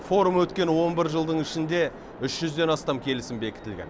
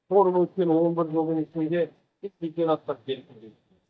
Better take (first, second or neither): first